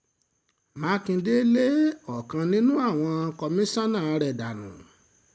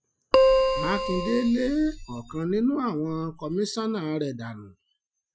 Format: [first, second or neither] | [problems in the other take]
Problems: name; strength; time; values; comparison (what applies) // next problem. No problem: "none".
first | noise reduction (classical method Wiener filter)